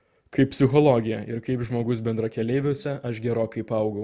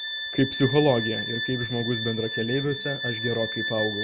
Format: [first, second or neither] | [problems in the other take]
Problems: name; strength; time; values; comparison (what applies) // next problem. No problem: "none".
first | background sound (Bowed string instrument); 4 dB below the speech